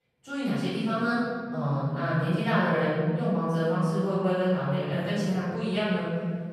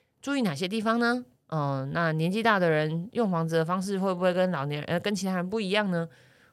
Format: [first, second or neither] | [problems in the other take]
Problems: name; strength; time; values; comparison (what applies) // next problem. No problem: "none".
second | off-mic speech; far // room echo; strong; dies away in 2.7 s